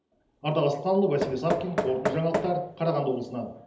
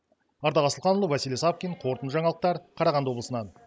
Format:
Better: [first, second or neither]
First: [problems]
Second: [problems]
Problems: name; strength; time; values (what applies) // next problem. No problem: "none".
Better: second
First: background sound (Knock); 6 dB below the speech // room echo; dies away in 1.2 s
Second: none